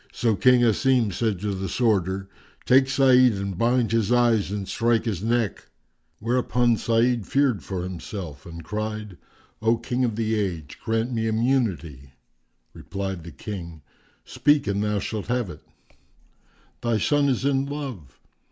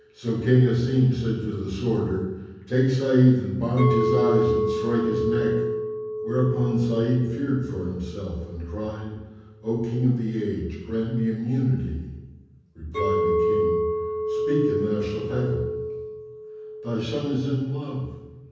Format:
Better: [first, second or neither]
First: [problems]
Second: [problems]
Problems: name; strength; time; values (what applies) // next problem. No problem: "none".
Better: first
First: none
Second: background sound (Chink, clink); 5 dB below the speech // room echo; dies away in 1.1 s